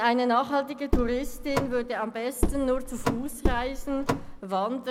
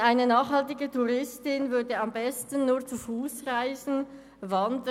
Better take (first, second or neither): second